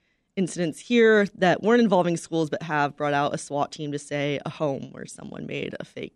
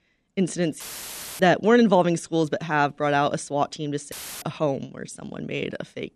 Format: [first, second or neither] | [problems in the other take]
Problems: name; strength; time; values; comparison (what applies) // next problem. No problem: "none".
first | audio cutting out; filled with static; at 1 s for 0.5 s and at 4 s